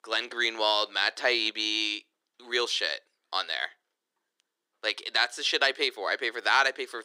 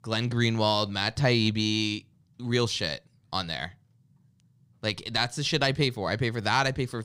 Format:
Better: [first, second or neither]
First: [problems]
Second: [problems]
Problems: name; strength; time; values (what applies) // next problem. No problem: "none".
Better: second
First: thin; very; fading below 350 Hz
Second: none